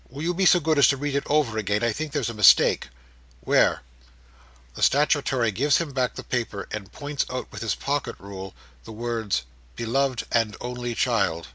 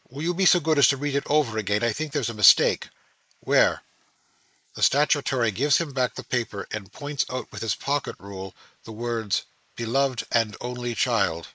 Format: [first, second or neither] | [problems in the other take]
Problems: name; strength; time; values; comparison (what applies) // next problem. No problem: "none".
first | noise reduction (neural mask model Resemble Enhance denoiser)